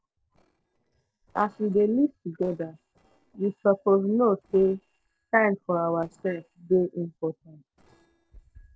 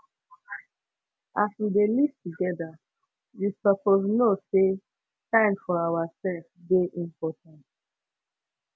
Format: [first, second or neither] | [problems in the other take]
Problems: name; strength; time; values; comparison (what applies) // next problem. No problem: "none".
second | noise reduction (neural separator model SepFormer DNS4)